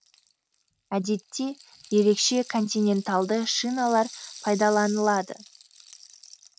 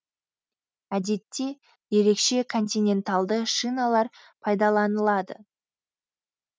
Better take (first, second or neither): second